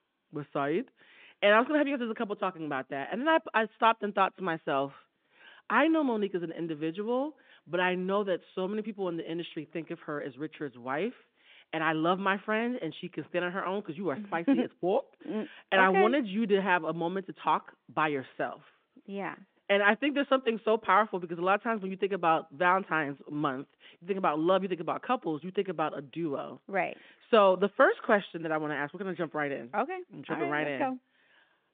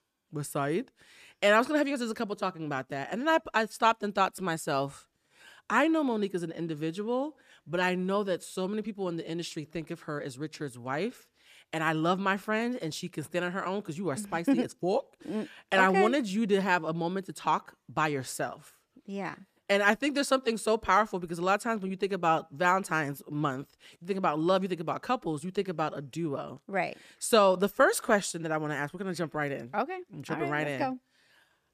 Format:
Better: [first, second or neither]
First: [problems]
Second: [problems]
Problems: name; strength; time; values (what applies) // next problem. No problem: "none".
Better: second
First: phone-call audio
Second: none